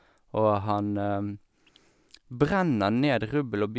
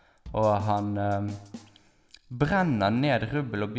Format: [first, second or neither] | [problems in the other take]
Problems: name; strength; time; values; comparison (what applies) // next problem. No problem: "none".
first | background sound (Drum / Drum kit); 20 dB below the speech // room echo; dies away in 0.8 s